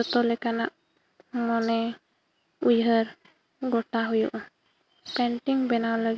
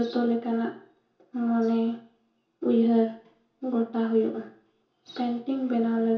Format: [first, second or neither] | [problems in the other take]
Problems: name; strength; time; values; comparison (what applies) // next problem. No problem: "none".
first | room echo; dies away in 0.7 s